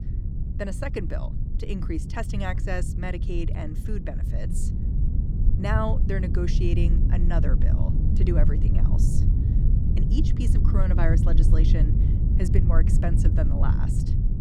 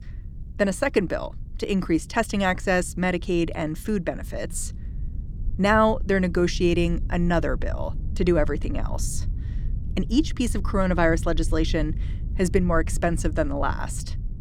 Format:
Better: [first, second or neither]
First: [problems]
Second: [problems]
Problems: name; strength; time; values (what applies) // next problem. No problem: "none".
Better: second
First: low rumble; loud; throughout; 4 dB below the speech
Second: low rumble; faint; throughout; 25 dB below the speech